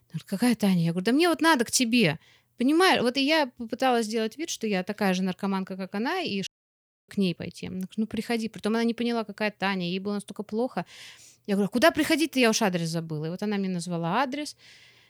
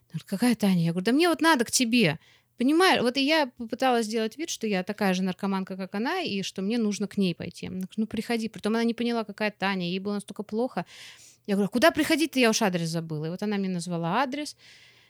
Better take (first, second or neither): second